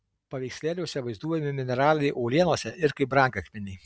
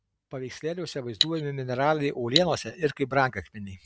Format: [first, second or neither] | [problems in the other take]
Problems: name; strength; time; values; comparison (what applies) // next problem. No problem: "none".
first | background sound (Cutlery, silverware); 2 dB below the speech